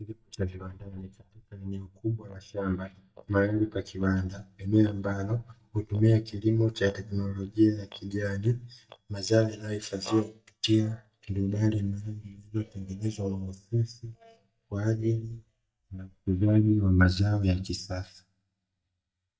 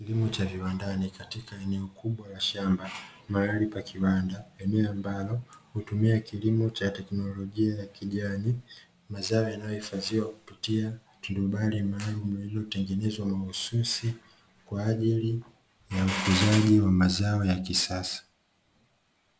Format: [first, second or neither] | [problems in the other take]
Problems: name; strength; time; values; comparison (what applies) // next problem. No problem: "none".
second | noise reduction (neural mask model DeepFilterNet 3)